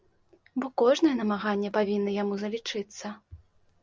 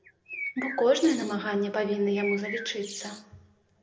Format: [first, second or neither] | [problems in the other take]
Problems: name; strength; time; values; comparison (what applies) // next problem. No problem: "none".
first | background sound (Bird); 10 dB below the speech // room echo; dies away in 0.7 s